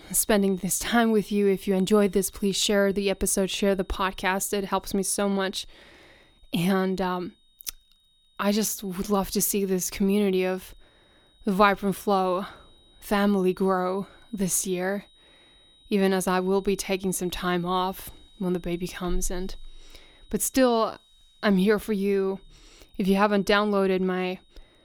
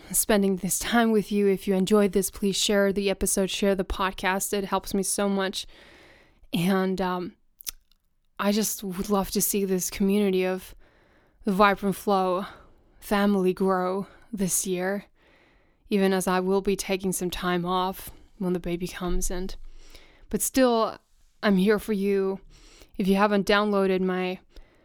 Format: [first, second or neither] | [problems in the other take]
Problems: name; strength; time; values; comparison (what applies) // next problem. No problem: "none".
second | high-pitched whine; faint; throughout; 4 kHz, 30 dB below the speech